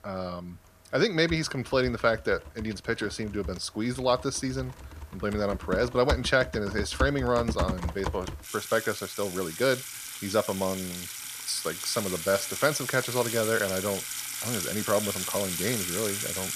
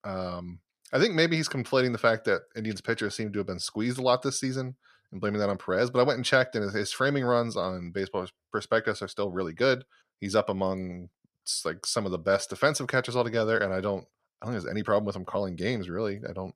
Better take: second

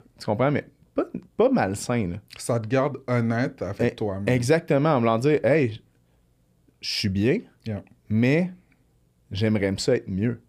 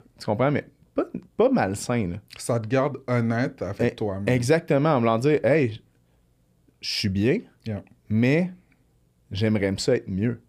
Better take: neither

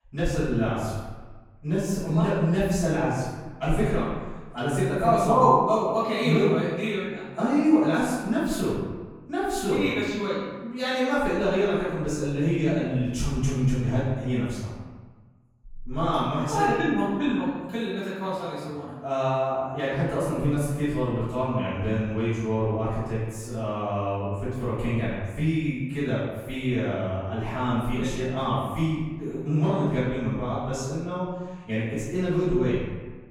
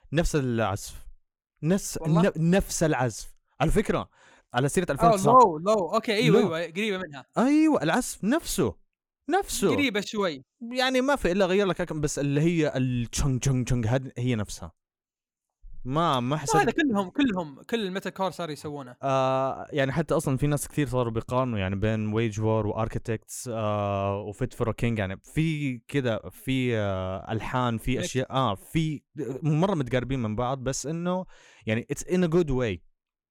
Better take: second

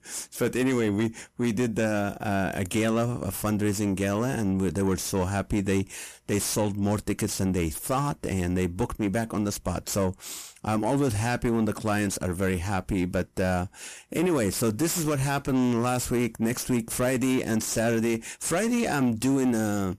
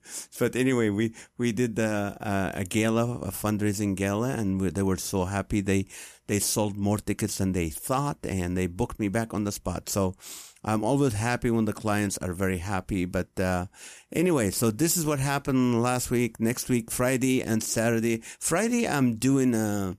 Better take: second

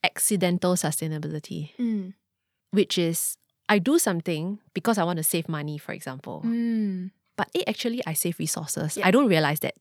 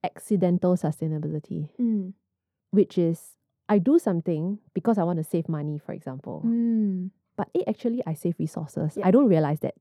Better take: first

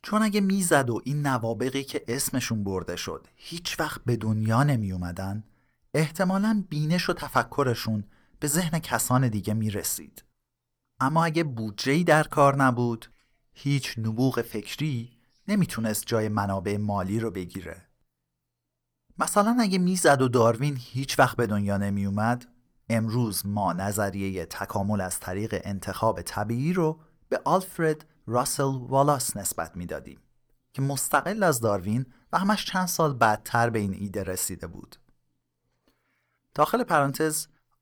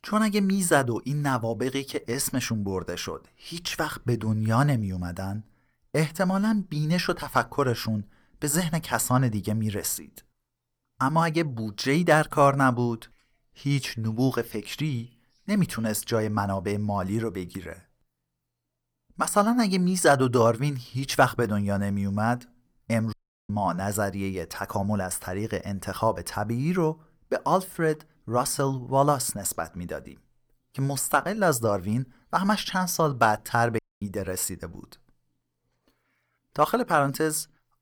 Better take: first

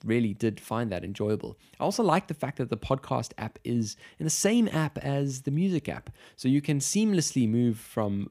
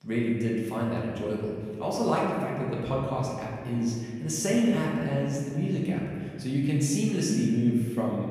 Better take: first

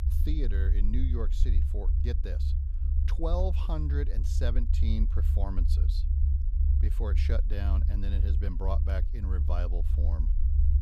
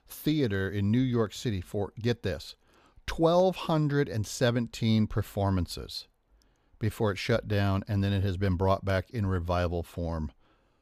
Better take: second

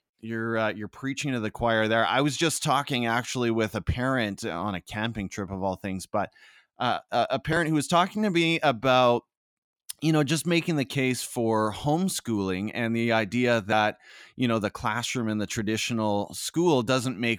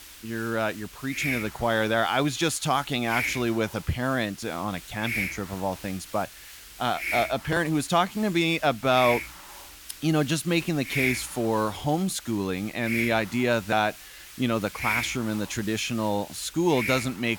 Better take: first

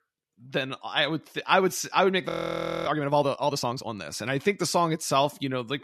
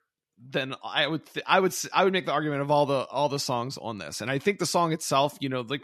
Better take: second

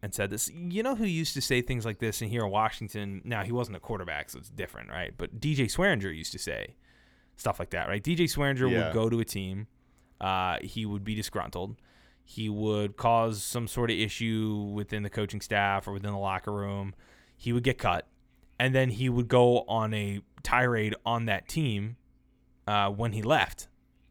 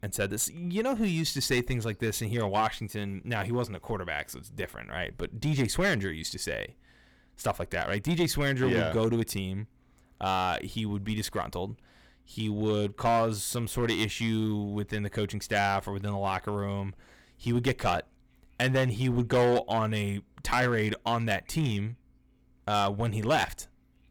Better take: first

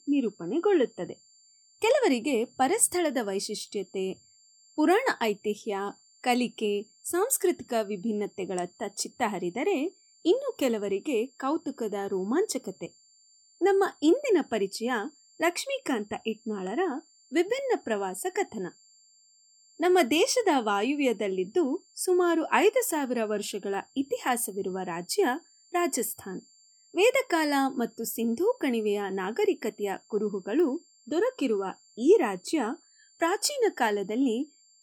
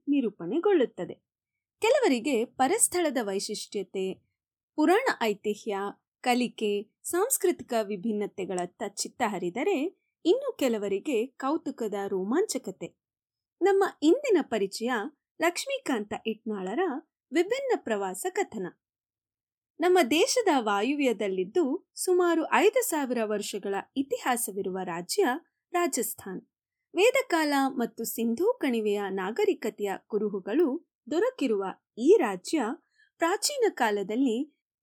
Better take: second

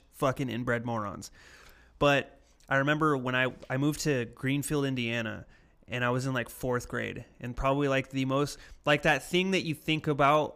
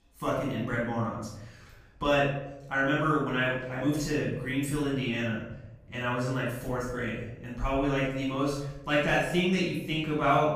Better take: first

